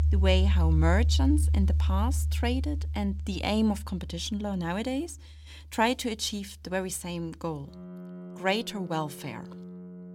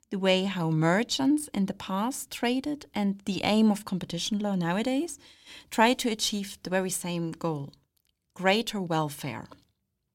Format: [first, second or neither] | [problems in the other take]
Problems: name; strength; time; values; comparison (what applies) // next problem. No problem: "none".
second | background music; very loud; throughout; 3 dB above the speech